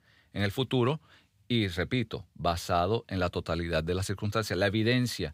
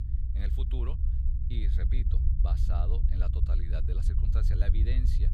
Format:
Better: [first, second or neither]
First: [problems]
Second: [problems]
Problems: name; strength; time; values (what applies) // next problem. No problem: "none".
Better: first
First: none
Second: low rumble; loud; throughout; 2 dB below the speech